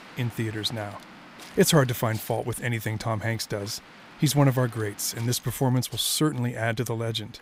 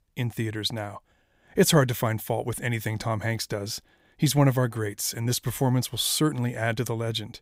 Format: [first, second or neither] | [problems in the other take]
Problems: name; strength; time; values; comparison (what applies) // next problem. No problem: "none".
second | wind noise on the microphone; occasional gusts; 20 dB below the speech